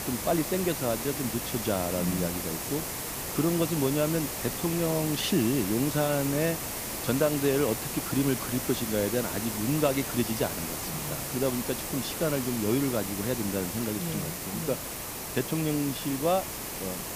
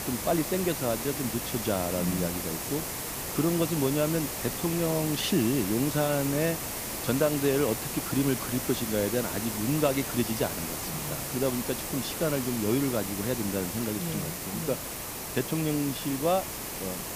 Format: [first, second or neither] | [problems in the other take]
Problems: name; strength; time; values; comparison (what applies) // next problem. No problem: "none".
neither | hiss; loud; throughout; 3 dB below the speech; the same in both